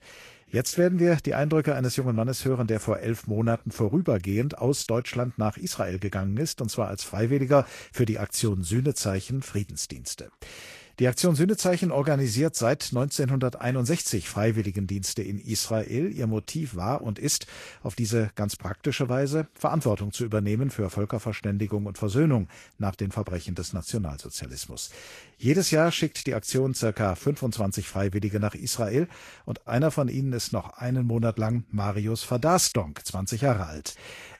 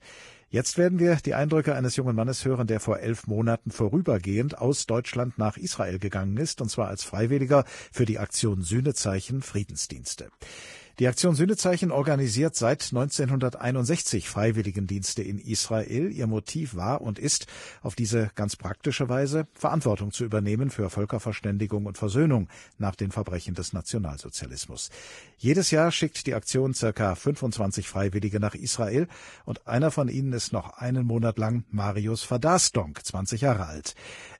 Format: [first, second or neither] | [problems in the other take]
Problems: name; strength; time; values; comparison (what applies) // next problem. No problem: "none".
first | garbled, watery; badly; nothing above 10.5 kHz; slightly in the first